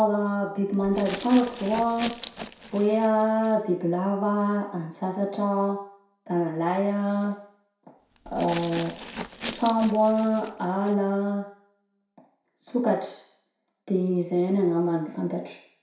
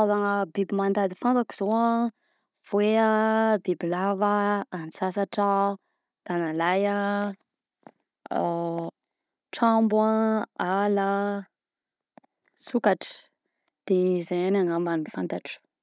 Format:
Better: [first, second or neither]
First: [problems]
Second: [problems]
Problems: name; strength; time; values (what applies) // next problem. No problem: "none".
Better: second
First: background sound (Glass); 14 dB below the speech // room echo; dies away in 0.6 s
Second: none